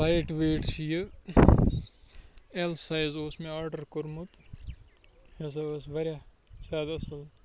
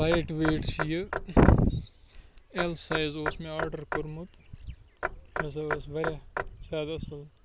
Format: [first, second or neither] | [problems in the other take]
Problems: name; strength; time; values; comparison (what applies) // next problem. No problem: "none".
first | background sound (Knock / Wood); 8 dB below the speech